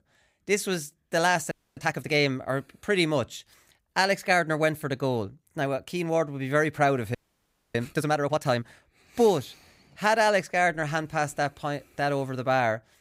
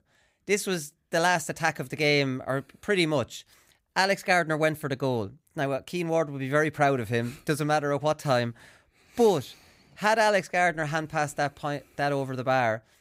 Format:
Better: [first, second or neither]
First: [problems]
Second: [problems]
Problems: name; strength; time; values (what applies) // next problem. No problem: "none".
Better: second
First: audio freezing; at 1.5 s and at 7 s for 0.5 s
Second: none